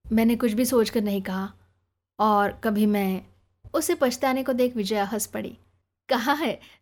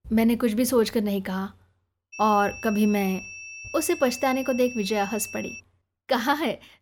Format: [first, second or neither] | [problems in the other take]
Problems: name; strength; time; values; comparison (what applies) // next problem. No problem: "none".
first | high-pitched whine; noticeable; from 2 to 5.5 s; 2.5 kHz, 15 dB below the speech